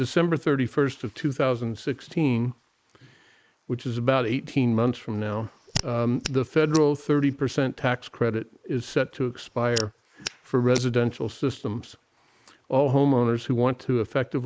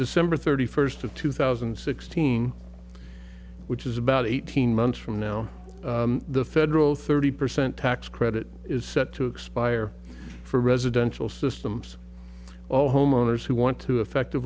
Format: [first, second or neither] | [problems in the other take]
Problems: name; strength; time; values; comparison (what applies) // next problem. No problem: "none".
second | noise reduction (neural mask model Resemble Enhance denoiser)